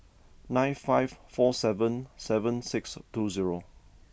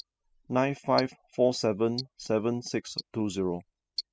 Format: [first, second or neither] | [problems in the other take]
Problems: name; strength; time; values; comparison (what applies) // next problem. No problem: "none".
first | noise reduction (classical method spectral subtraction)